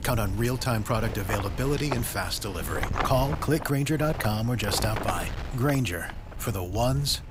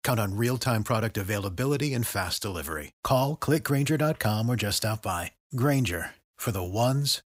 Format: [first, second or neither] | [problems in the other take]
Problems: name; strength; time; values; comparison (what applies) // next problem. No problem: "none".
second | wind noise on the microphone; heavy; 6 dB below the speech